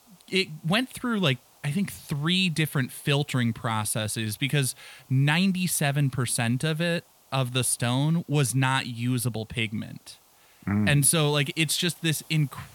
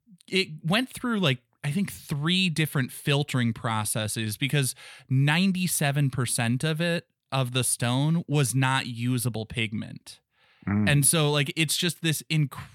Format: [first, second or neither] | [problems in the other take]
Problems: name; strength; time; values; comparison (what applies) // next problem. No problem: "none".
second | hiss; faint; throughout; 30 dB below the speech